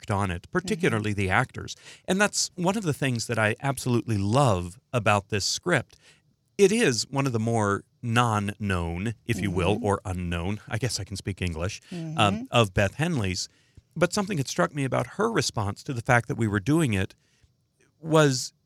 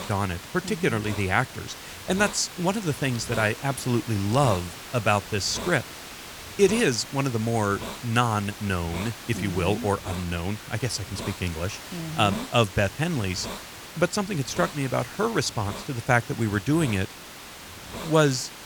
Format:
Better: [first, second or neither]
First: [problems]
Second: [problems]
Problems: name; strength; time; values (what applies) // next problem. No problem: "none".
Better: first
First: none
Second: hiss; noticeable; throughout; 10 dB below the speech